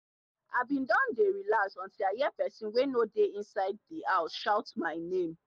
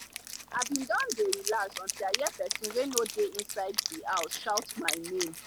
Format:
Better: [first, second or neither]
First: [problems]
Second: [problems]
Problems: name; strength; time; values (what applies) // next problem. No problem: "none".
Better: first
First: none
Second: background sound (Wind instrument, woodwind instrument); 4 dB below the speech